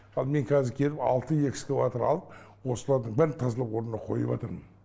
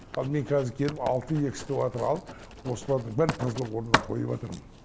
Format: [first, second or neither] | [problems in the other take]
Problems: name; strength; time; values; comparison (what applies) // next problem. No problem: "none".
first | background sound (Writing); 6 dB below the speech